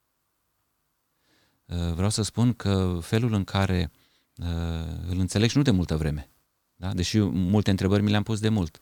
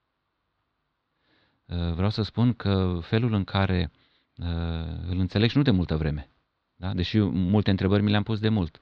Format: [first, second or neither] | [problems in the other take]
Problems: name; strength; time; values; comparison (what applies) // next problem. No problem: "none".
first | muffled; very slightly; fading above 4 kHz